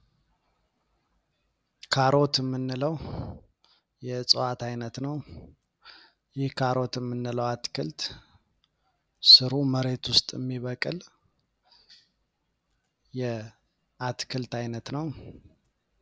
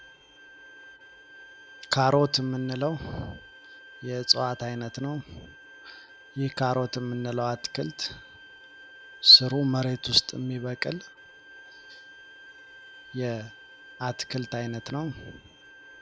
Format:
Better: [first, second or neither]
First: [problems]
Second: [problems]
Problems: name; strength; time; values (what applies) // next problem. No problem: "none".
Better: first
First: none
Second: background sound (Bowed string instrument); 20 dB below the speech